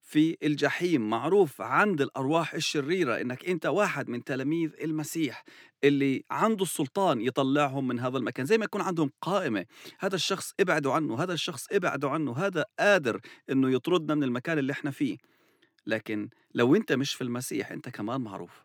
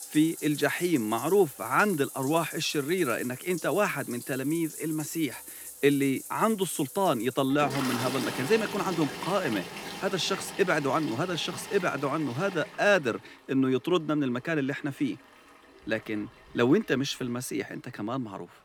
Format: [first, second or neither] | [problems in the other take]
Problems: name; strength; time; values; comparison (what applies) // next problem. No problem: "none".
first | household noises; noticeable; throughout; 10 dB below the speech